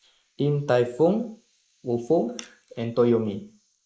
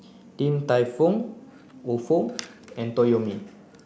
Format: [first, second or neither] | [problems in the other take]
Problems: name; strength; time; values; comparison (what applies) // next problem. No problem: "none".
second | noise reduction (neural mask model Resemble Enhance denoiser)